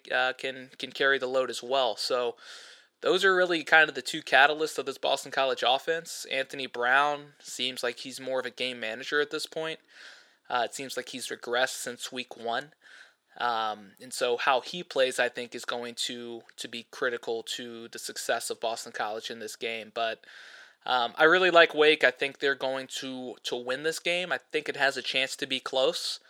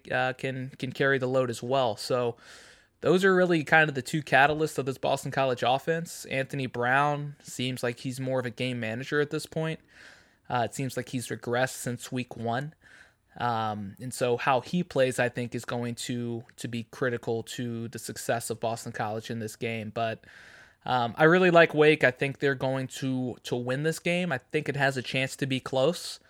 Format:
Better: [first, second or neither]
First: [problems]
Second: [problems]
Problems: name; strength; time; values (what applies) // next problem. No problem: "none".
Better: second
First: thin; somewhat; fading below 400 Hz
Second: none